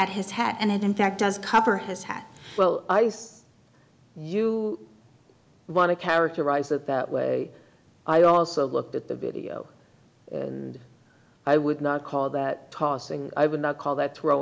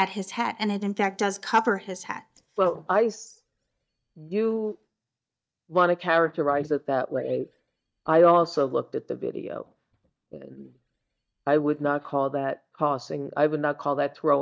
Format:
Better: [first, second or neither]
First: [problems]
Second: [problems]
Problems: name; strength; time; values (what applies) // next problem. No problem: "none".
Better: first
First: none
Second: noise reduction (neural mask model DeepFilterNet 3)